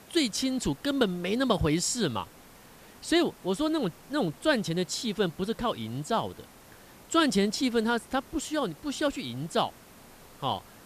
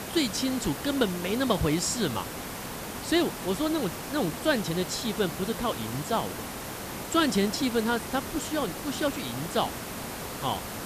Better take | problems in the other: first | hiss; loud; throughout; 7 dB below the speech; faint in the first

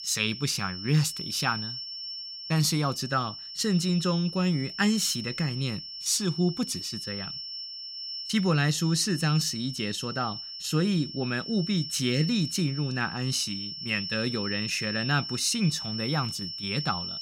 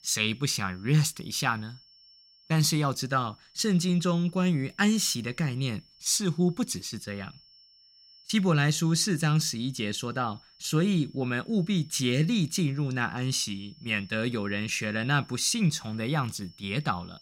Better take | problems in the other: second | high-pitched whine; loud; throughout; 5.5 kHz, 7 dB below the speech; faint in the second

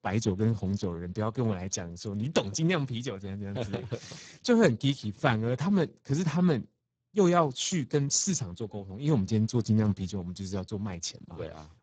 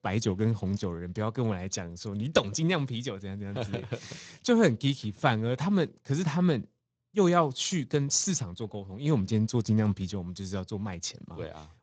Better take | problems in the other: second | garbled, watery; badly; nothing above 7.5 kHz; slightly in the second

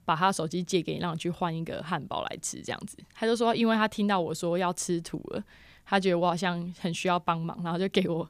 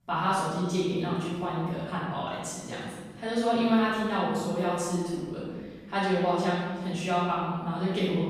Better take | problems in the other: first | off-mic speech; far // room echo; strong; dies away in 1.3 s

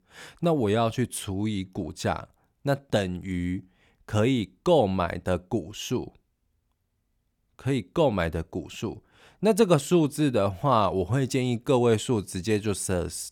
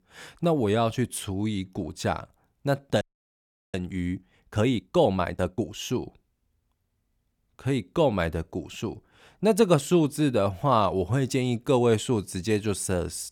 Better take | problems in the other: first | audio freezing; at 3 s for 0.5 s

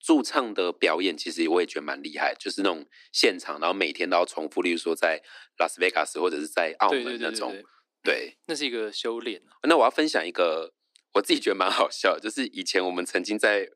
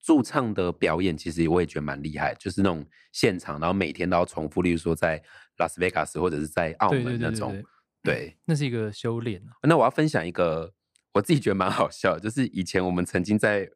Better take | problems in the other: second | thin; somewhat; fading below 300 Hz

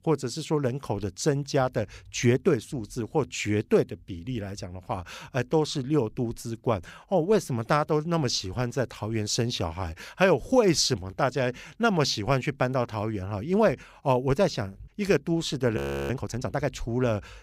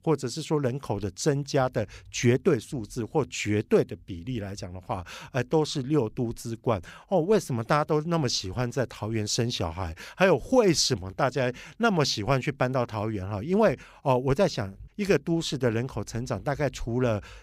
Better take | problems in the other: second | audio freezing; at 16 s

